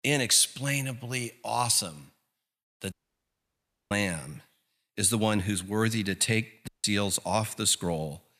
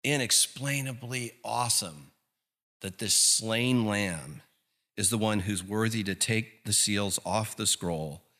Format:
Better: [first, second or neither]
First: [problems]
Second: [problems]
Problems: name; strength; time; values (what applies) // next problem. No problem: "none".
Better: second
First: audio cutting out; at 3 s for 1 s and at 6.5 s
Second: none